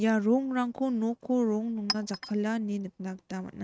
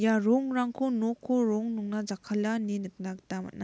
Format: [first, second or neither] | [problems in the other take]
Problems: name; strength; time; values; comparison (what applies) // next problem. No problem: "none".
second | noise reduction (neural mask model RNNoise)